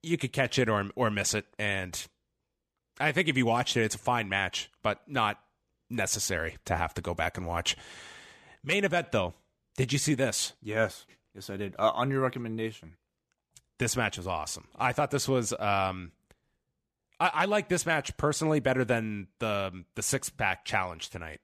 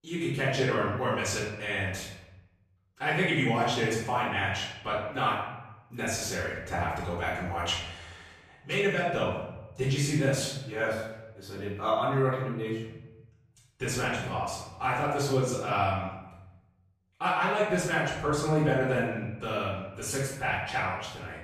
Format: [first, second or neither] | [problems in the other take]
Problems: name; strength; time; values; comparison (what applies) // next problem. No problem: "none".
first | room echo; noticeable; dies away in 0.9 s // off-mic speech; far